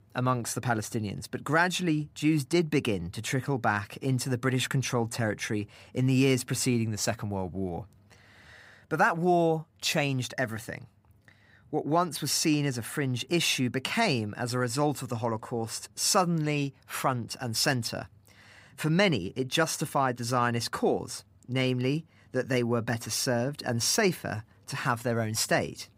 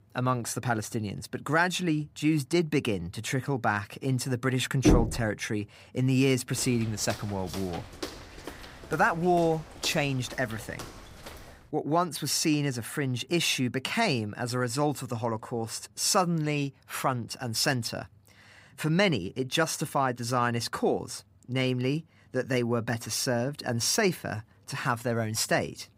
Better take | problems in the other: first | door banging; loud; at 5 s; peak 4 dB above the speech // footsteps; faint; from 6.5 to 12 s; peak 10 dB below the speech

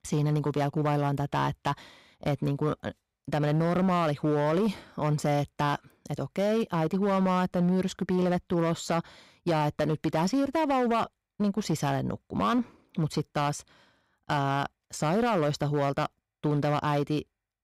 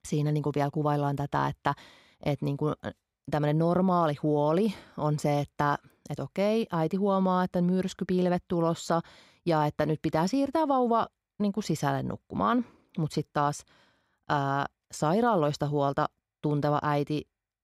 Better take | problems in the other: second | distortion; slight; 10% of the sound clipped

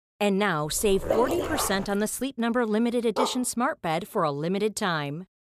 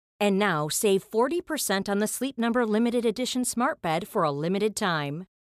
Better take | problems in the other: second | dog barking; noticeable; from 0.5 to 2 s and at 3 s; peak 1 dB below the speech

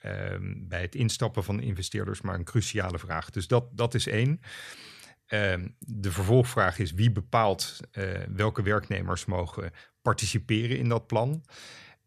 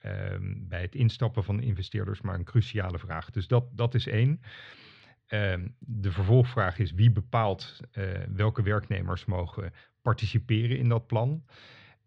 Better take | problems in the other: first | muffled; slightly; fading above 3.5 kHz

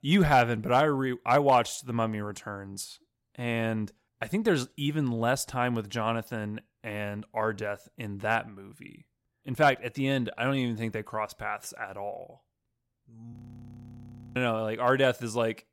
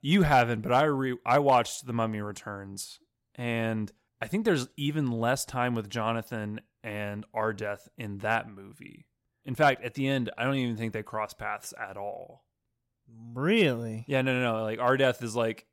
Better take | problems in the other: second | audio freezing; at 13 s for 1 s

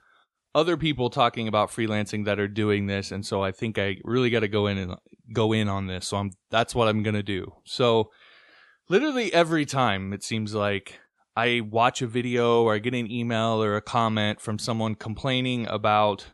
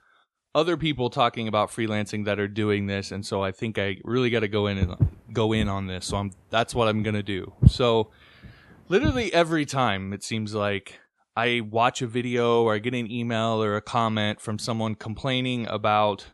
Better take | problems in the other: first | footsteps; loud; from 5 to 9 s; peak 5 dB above the speech

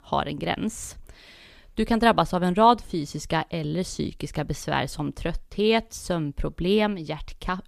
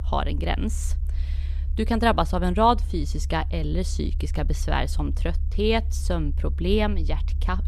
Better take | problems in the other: first | low rumble; faint; throughout; 20 dB below the speech

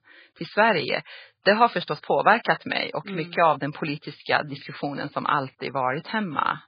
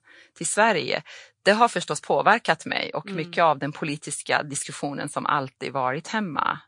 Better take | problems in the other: second | garbled, watery; badly; nothing above 4.5 kHz; slightly in the second

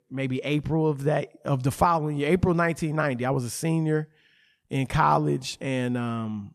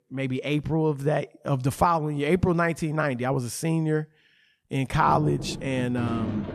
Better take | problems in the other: first | rain or running water; loud; from 5 s on; 8 dB below the speech

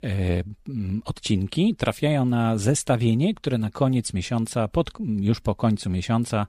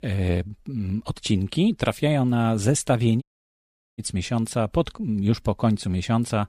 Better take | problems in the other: first | audio cutting out; at 3 s for 1 s

